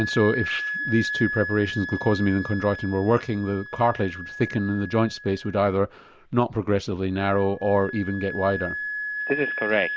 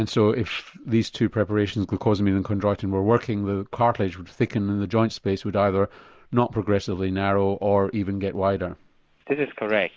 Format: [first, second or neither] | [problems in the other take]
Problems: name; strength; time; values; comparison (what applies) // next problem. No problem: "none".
second | background sound (Wind instrument, woodwind instrument); 9 dB below the speech